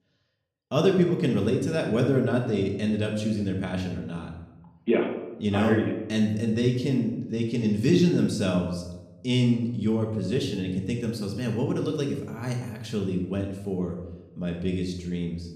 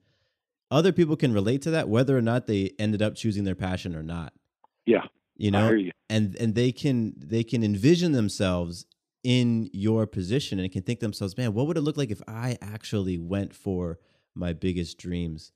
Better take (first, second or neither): second